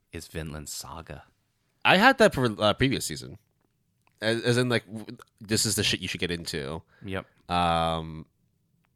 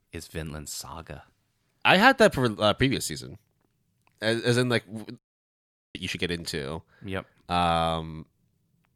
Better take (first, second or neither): first